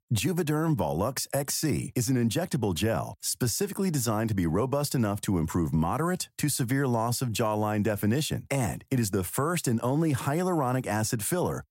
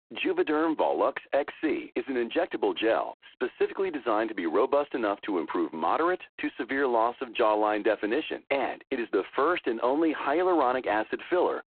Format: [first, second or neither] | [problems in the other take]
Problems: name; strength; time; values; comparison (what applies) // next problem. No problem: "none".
first | phone-call audio; poor line